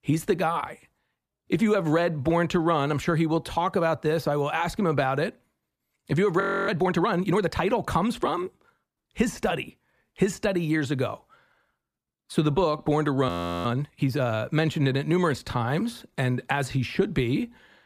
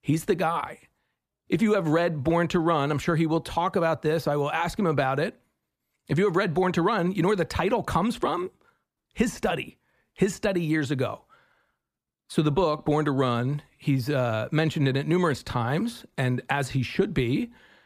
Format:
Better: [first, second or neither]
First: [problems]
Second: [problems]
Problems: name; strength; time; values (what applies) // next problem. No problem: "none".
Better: second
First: audio freezing; at 6.5 s and at 13 s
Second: none